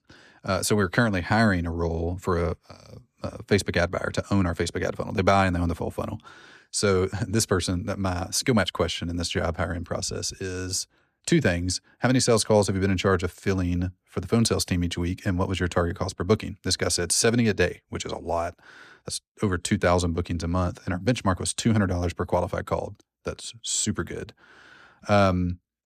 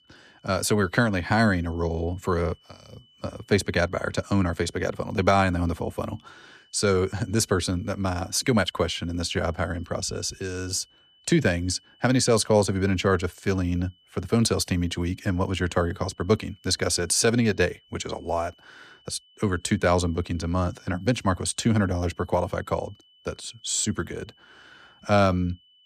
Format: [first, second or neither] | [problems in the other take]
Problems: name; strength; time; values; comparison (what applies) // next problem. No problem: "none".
first | high-pitched whine; faint; throughout; 3 kHz, 30 dB below the speech